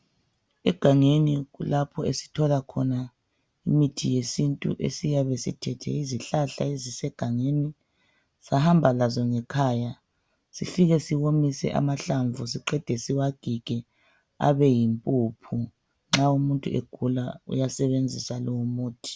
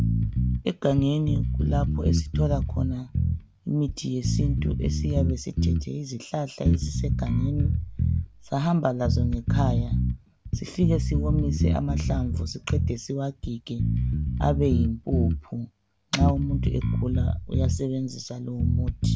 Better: first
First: none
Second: background sound (Bass guitar); 3 dB above the speech

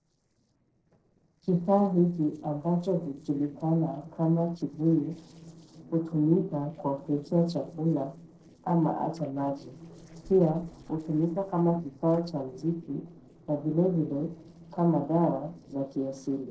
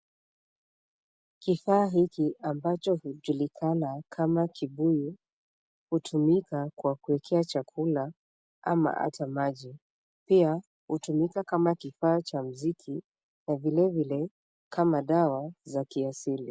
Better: second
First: noise reduction (neural separator model SepFormer DNS4)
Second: none

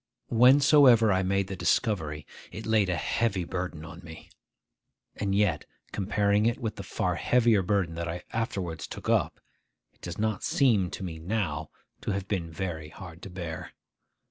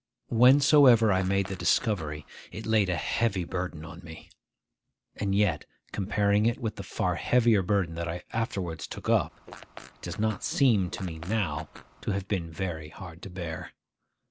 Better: first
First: none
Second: background sound (Fart); 19 dB below the speech

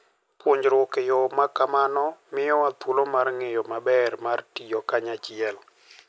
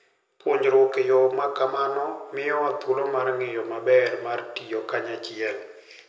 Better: first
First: none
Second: room echo; dies away in 0.8 s

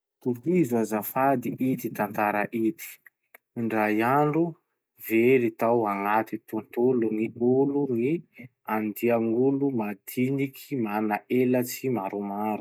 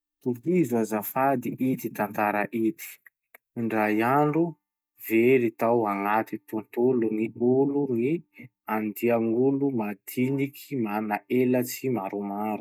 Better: first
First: none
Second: noise reduction (neural mask model DeepFilterNet 3)

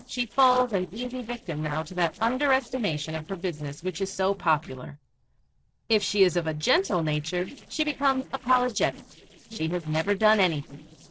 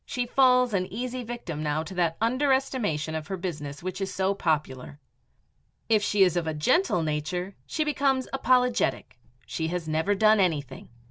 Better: second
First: noise reduction (neural separator model SepFormer DNS4)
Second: none

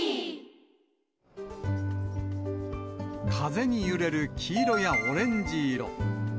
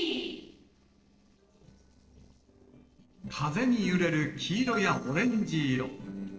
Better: first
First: none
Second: noise reduction (neural separator model SepFormer DNS4)

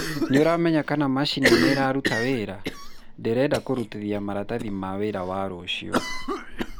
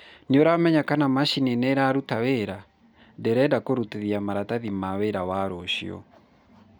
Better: second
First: background sound (Cough); 3 dB below the speech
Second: none

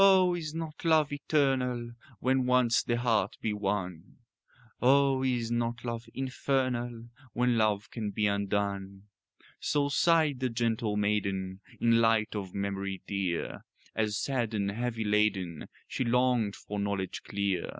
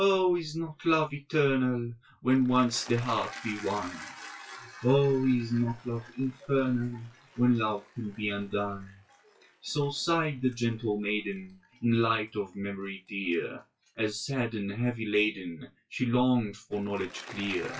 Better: first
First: none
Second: noise reduction (classical method WPE with log-MMSE)

